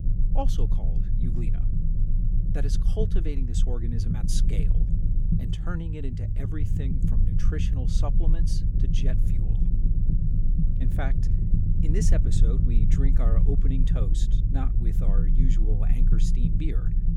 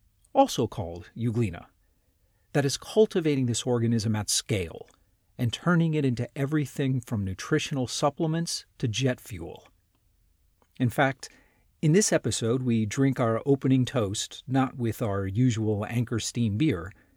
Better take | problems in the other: second | low rumble; loud; throughout; 2 dB below the speech

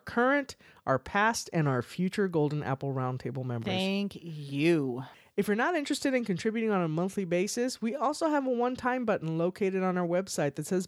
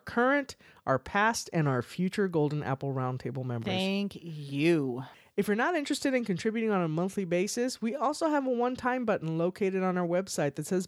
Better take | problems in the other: neither | none

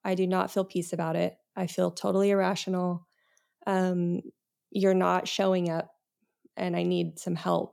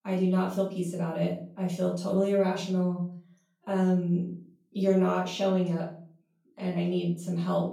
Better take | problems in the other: first | off-mic speech; far // room echo; noticeable; dies away in 0.4 s

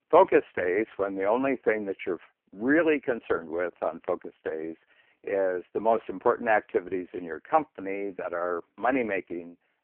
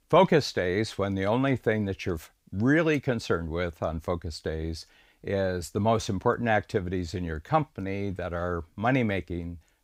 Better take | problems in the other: second | phone-call audio; poor line

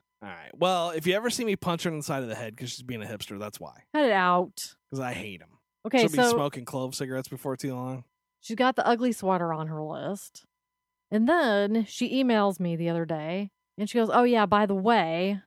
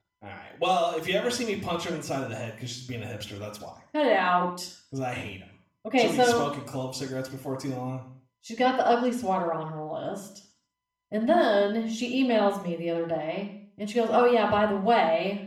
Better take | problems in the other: first | room echo; noticeable; dies away in 0.6 s // off-mic speech; somewhat distant

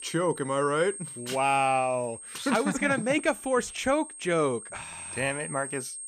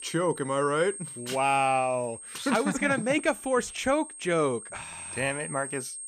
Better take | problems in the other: neither | high-pitched whine; noticeable; throughout; 8.5 kHz, 10 dB below the speech; the same in both

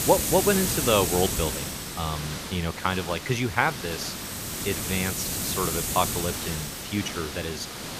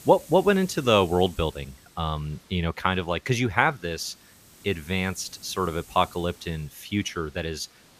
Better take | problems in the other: second | hiss; loud; throughout; 2 dB below the speech; faint in the second

